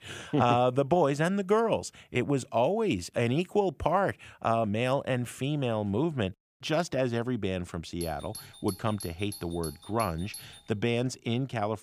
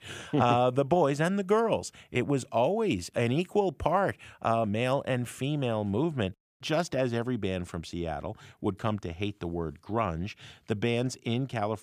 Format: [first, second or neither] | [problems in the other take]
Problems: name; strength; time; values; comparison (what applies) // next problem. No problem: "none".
second | doorbell; faint; from 8 to 11 s; peak 10 dB below the speech